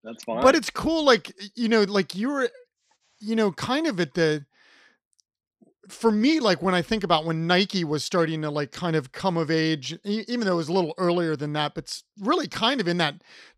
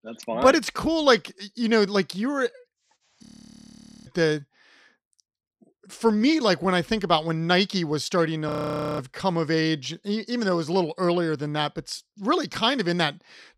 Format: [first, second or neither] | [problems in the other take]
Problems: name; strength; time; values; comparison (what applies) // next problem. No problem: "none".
first | audio freezing; at 3 s for 1 s and at 8.5 s for 0.5 s